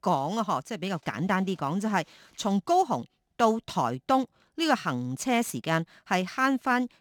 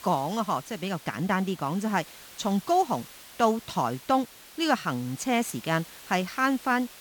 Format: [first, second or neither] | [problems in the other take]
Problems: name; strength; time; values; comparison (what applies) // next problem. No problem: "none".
first | hiss; noticeable; throughout; 20 dB below the speech